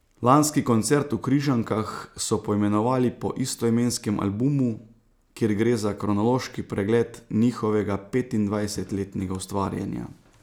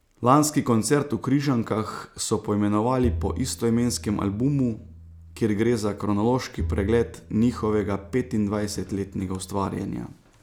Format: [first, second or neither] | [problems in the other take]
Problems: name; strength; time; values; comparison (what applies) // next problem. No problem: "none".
first | background sound (Bowed string instrument); 12 dB below the speech